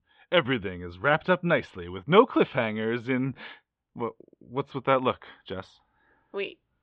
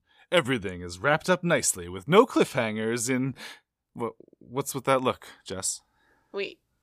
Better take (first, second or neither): second